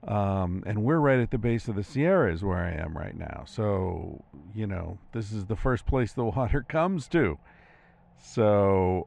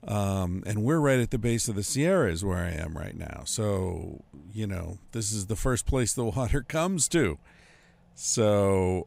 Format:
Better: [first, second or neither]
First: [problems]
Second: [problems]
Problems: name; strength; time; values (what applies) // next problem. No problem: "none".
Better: second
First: muffled; very; fading above 2 kHz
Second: none